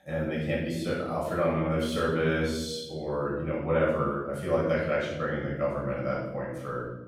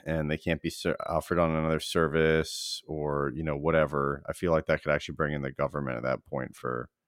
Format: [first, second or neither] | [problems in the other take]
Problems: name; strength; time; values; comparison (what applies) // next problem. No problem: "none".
second | room echo; strong; dies away in 1 s // off-mic speech; far